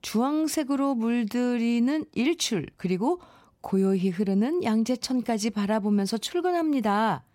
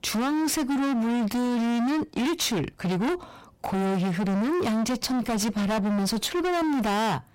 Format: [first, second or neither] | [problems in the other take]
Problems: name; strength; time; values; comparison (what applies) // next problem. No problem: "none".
first | distortion; heavy; 48% of the sound clipped